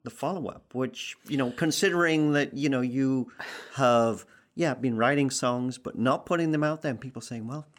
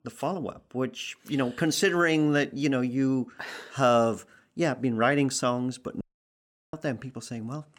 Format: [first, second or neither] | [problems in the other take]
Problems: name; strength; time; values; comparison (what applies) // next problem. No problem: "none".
first | audio cutting out; at 6 s for 0.5 s